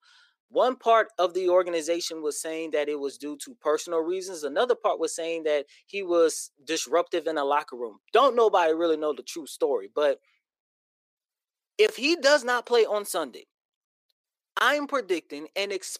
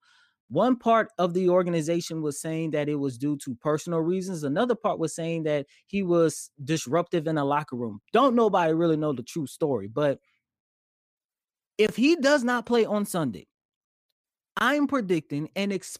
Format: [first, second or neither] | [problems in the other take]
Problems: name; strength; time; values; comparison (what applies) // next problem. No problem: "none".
second | thin; somewhat; fading below 400 Hz